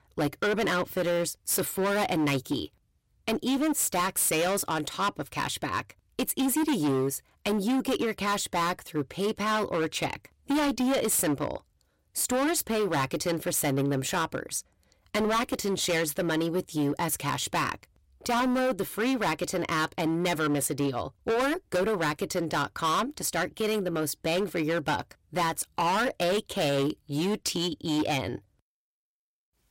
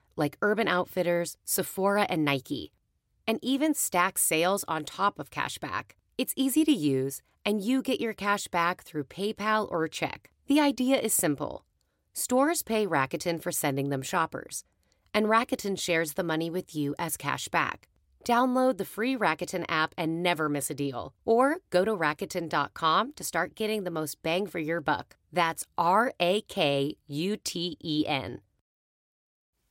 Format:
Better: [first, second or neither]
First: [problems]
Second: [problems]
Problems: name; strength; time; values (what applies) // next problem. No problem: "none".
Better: second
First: distortion; heavy; 17% of the sound clipped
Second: none